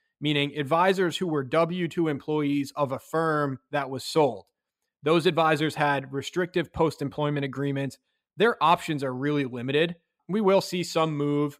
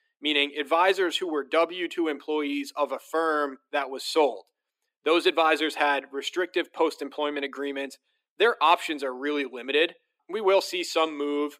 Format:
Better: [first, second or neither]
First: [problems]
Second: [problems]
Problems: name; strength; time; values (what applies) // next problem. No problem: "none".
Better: first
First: none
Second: thin; somewhat; fading below 300 Hz